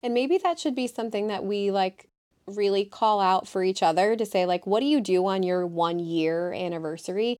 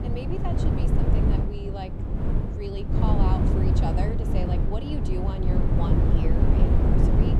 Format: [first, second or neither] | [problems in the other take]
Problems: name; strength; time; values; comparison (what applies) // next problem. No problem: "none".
first | wind noise on the microphone; heavy; 3 dB above the speech